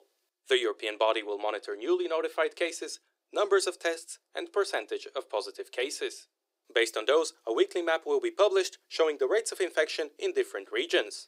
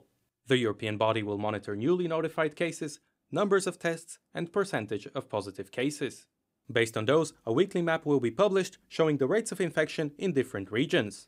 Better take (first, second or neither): second